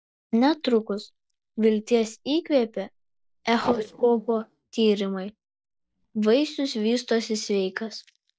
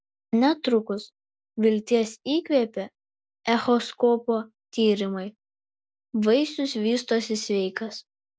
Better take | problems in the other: second | noise reduction (neural mask model DeepFilterNet 3)

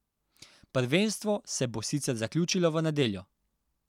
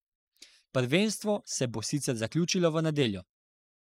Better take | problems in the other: first | noise reduction (neural mask model Resemble Enhance denoiser)

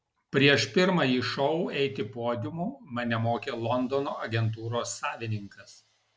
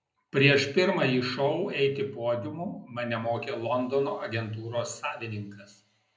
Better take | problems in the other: first | room echo; dies away in 0.5 s

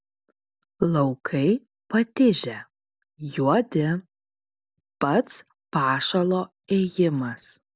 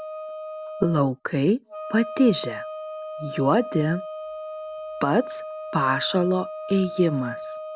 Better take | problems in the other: first | background sound (Wind instrument, woodwind instrument); 10 dB below the speech

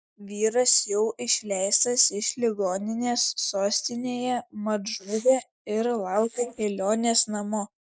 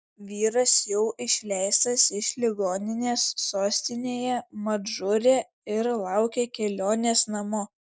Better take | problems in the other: second | noise reduction (neural mask model Resemble Enhance denoiser)

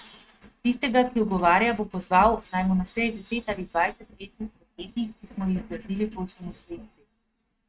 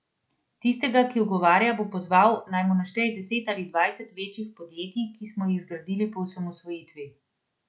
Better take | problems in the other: second | noise reduction (neural mask model RNNoise)

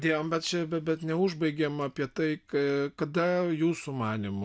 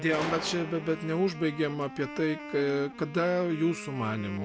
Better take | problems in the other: first | background sound (Gunshot, gunfire + Wind instrument, woodwind instrument); 11 dB below the speech

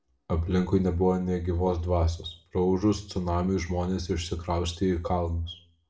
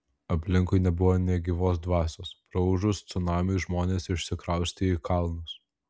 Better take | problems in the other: second | room echo; dies away in 0.3 s

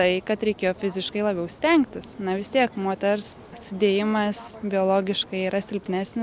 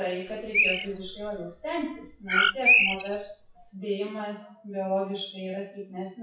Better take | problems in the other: first | noise reduction (classical method WPE with log-MMSE)

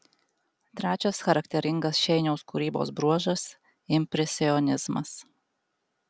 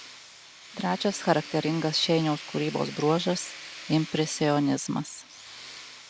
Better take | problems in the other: first | background sound (Tools); 15 dB below the speech

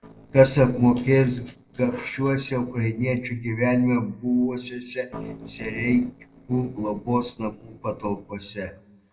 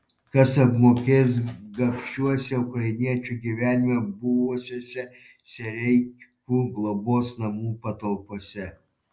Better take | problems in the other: second | noise reduction (neural separator model SepFormer DNS4)

